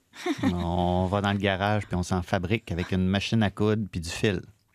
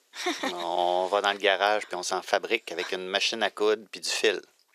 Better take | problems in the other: first | thin; very; fading below 400 Hz

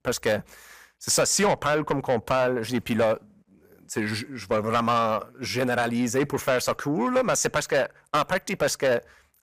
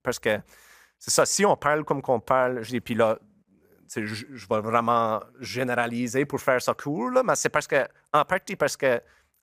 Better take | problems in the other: second | distortion; heavy; 8 dB below the speech

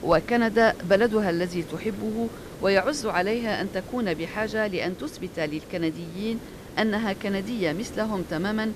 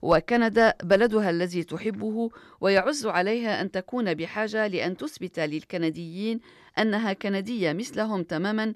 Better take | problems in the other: second | hiss; noticeable; throughout; 15 dB below the speech

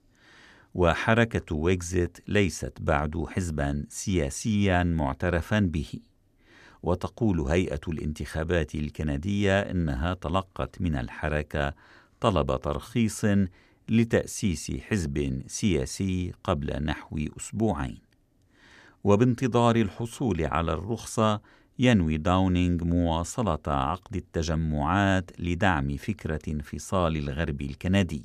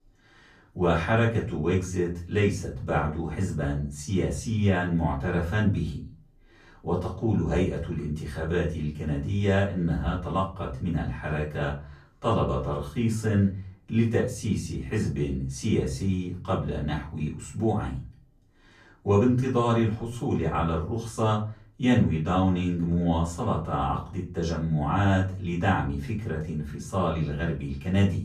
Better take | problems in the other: first | off-mic speech; far // room echo; slight; dies away in 0.4 s

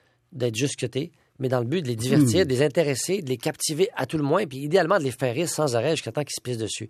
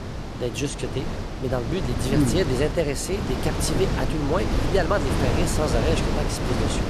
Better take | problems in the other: first | wind noise on the microphone; heavy; 3 dB below the speech

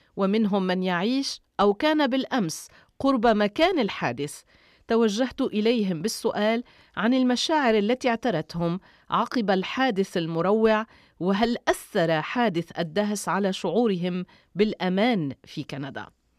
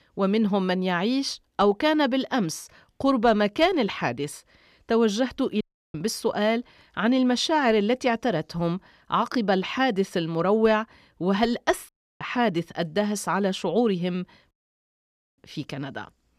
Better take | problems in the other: first | audio cutting out; at 5.5 s, at 12 s and at 15 s for 1 s

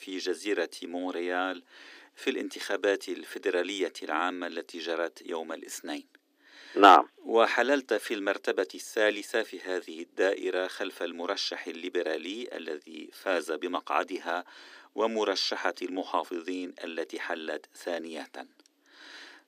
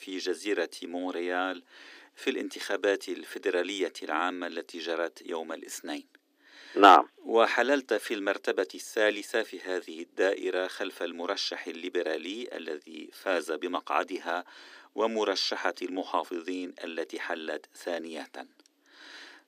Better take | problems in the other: neither | thin; somewhat; fading below 300 Hz; the same in both

